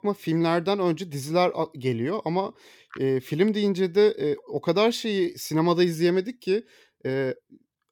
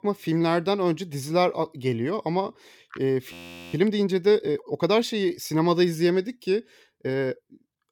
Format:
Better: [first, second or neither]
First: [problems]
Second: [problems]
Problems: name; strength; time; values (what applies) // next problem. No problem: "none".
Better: first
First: none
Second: audio freezing; at 3.5 s